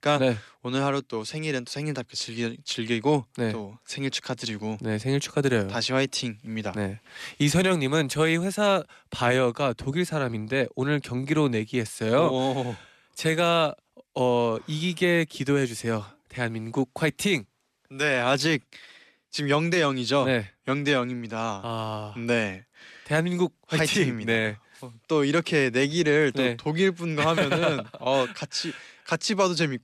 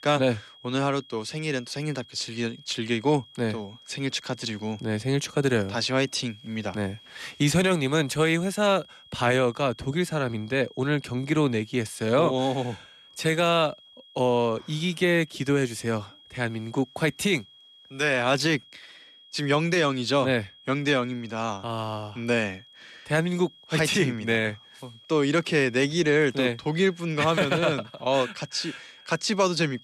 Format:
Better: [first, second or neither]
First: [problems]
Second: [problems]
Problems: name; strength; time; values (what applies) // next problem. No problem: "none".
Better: first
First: none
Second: high-pitched whine; faint; throughout; 3.5 kHz, 25 dB below the speech